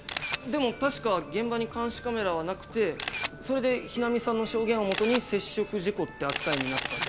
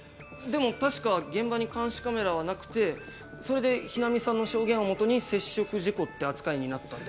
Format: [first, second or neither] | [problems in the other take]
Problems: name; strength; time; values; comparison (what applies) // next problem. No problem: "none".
second | background sound (Camera); 9 dB below the speech